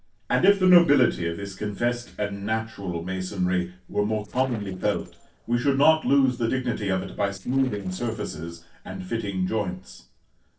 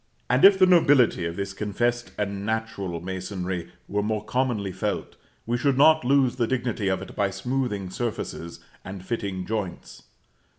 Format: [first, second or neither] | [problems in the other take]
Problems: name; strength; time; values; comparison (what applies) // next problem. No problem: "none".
second | noise reduction (neural separator model SepFormer DNS4)